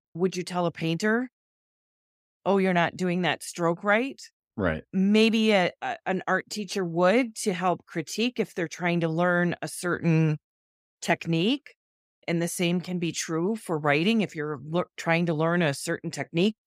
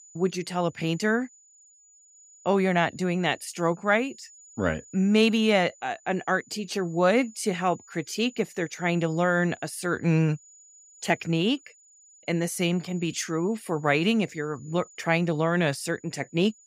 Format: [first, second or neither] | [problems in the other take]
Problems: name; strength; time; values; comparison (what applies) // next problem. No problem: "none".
first | high-pitched whine; faint; throughout; 7 kHz, 25 dB below the speech